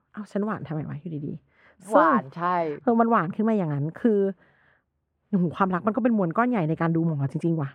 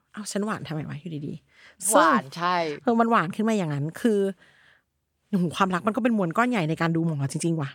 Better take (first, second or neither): second